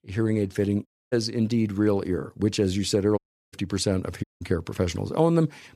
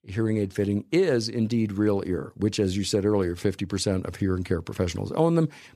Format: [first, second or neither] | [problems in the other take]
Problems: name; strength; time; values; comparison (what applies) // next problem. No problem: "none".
second | audio cutting out; at 1 s, at 3 s and at 4 s